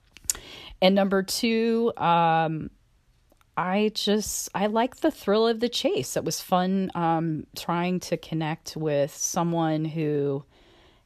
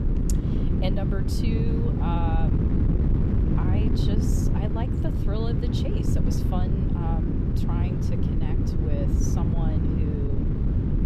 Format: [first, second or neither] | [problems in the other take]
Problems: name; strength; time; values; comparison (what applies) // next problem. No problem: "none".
first | wind noise on the microphone; heavy; 3 dB above the speech